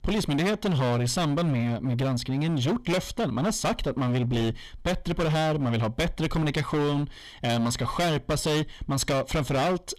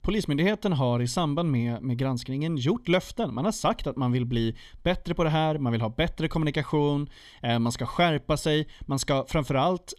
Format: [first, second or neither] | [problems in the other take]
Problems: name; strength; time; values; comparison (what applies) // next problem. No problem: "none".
second | distortion; heavy; 27% of the sound clipped